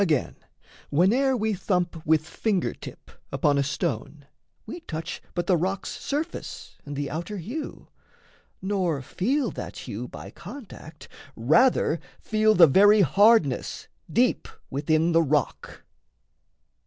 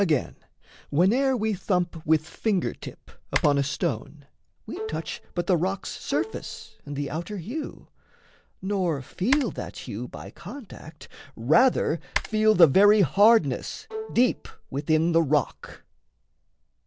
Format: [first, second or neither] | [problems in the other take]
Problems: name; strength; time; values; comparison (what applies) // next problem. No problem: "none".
first | background sound (Bowed string instrument + Typing); 12 dB below the speech